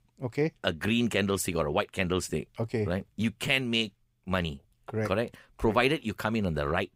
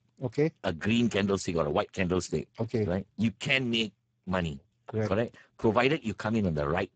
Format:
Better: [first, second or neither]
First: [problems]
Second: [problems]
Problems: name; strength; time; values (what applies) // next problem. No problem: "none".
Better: first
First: none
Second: garbled, watery; badly; nothing above 8 kHz